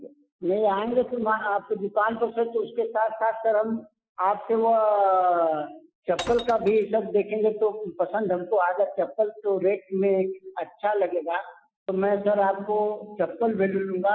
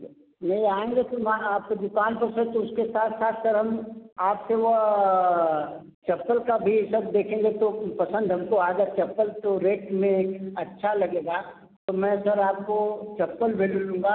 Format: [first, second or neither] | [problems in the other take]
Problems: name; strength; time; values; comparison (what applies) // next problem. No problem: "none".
second | noise reduction (classical method Wiener filter)